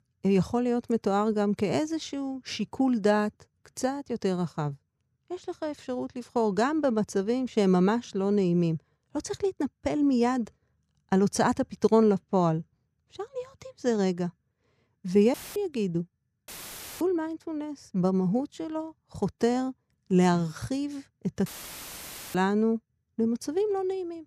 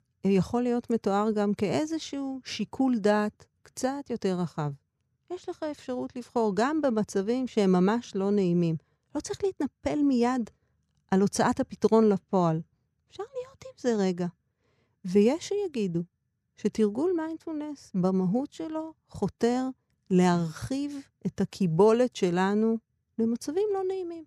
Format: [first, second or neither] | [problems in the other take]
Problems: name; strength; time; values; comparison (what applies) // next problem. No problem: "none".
second | audio cutting out; filled with static; at 15 s, at 16 s for 0.5 s and at 21 s for 1 s